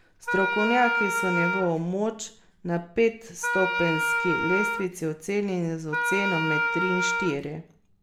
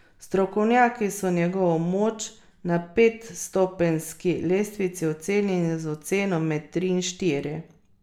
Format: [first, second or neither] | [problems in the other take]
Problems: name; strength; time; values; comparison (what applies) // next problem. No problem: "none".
second | background sound (Wind instrument, woodwind instrument); as loud as the speech